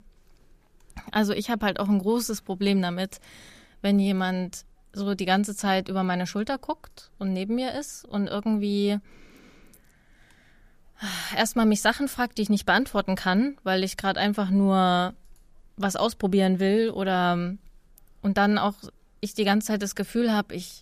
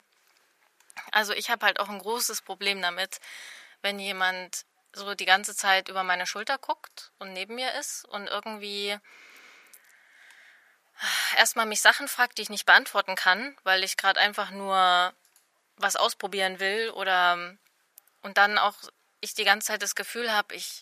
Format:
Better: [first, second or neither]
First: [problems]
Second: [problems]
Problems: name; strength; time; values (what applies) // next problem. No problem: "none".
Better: first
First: none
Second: thin; very; fading below 850 Hz